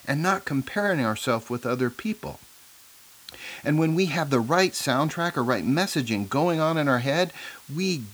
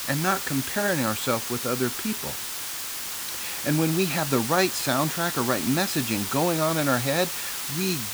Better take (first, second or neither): first